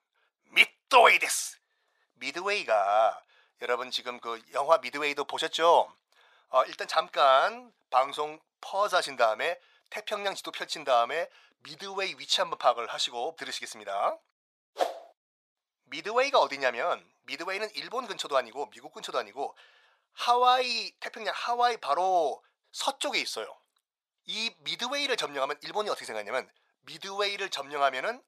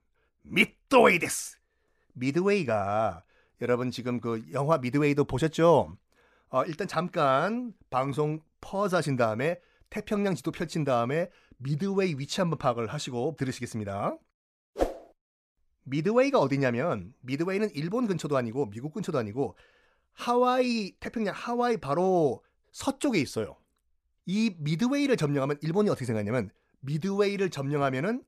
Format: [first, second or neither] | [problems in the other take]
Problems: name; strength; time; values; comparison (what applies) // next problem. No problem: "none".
second | thin; very; fading below 850 Hz